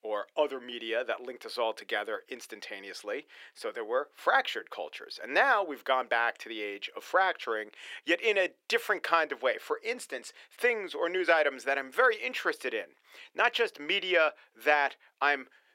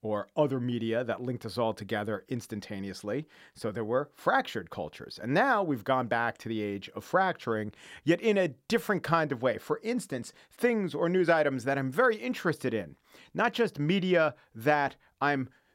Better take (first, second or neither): second